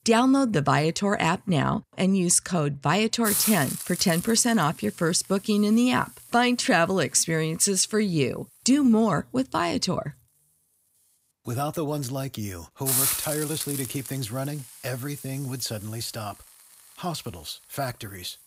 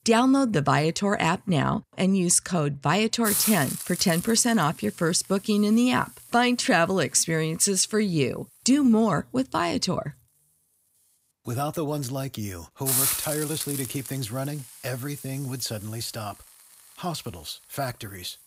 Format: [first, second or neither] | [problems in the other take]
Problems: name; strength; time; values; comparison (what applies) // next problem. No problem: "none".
neither | hiss; loud; throughout; 5 dB below the speech; the same in both